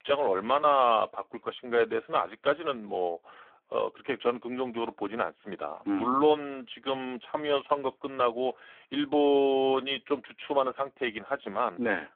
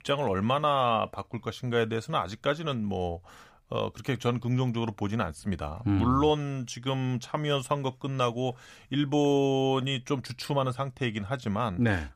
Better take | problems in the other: second | phone-call audio; poor line; nothing above 3.5 kHz

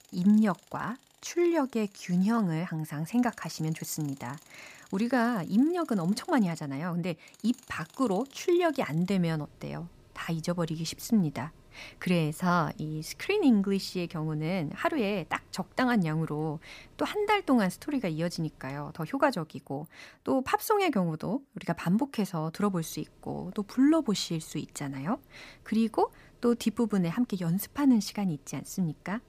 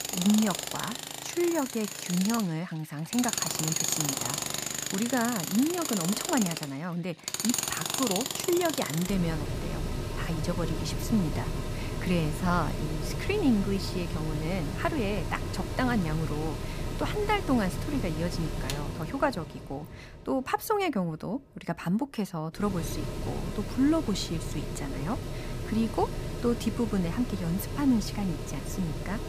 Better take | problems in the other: first | machinery noise; loud; throughout; 3 dB below the speech; faint in the first

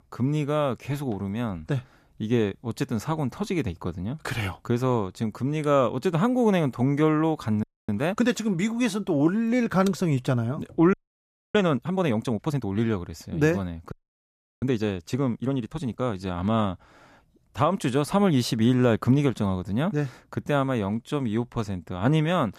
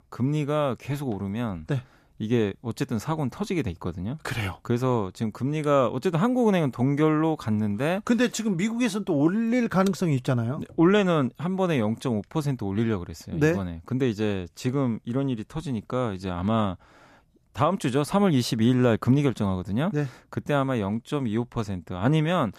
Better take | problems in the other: second | audio freezing; at 7.5 s, at 11 s for 0.5 s and at 14 s for 0.5 s

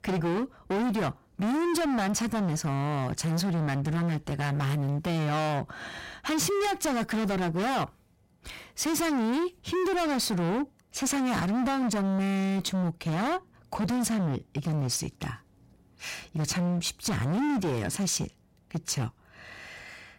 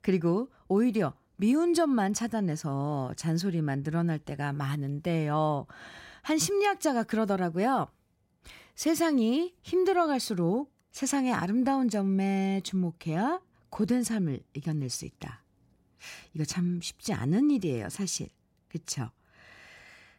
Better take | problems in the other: second | distortion; heavy; 33% of the sound clipped

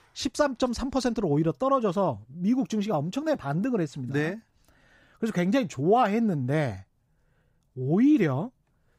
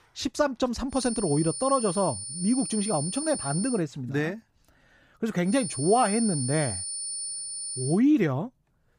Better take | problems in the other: first | high-pitched whine; loud; from 1 to 4 s and from 5.5 to 8 s; 9.5 kHz, 5 dB below the speech

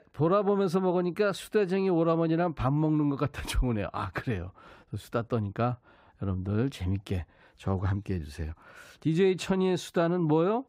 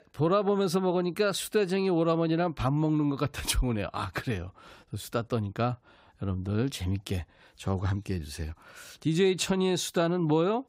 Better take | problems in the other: second | muffled; slightly; fading above 3 kHz

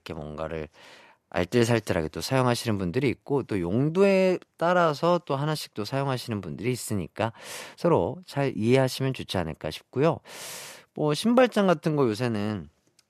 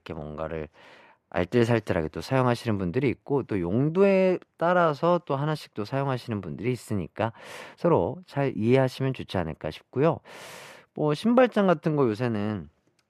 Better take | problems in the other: first | muffled; slightly; fading above 3.5 kHz

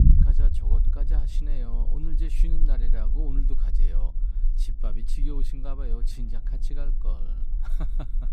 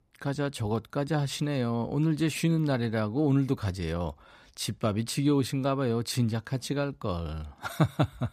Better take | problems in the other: second | low rumble; loud; throughout; 4 dB below the speech

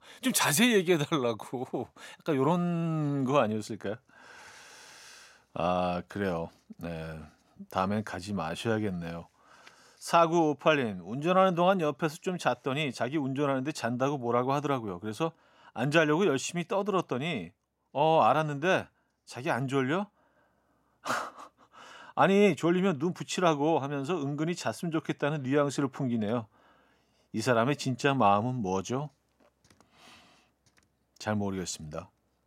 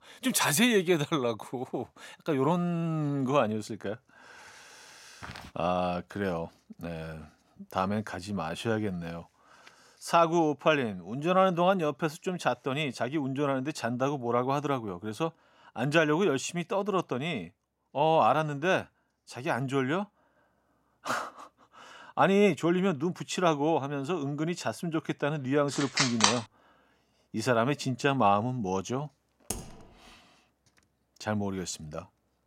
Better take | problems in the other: first | footsteps; faint; at 5 s; peak 15 dB below the speech // phone ringing; loud; at 26 s; peak 5 dB above the speech // keyboard typing; noticeable; at 30 s; peak 9 dB below the speech

